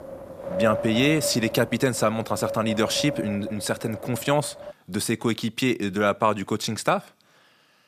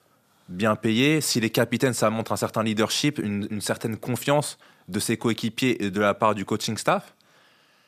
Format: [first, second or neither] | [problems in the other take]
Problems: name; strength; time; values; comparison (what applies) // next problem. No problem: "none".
second | wind noise on the microphone; heavy; until 4.5 s; 8 dB below the speech